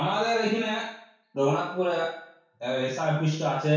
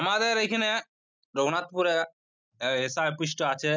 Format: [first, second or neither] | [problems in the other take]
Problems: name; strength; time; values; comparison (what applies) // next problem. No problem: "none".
second | room echo; dies away in 0.6 s